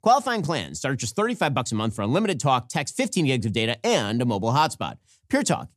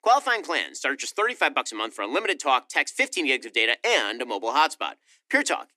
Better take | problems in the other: first | thin; somewhat; fading below 300 Hz

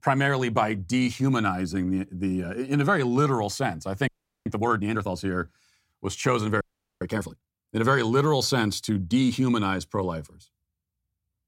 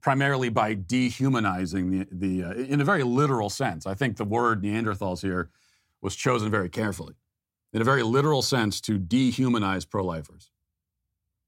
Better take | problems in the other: second | audio freezing; at 4 s and at 6.5 s

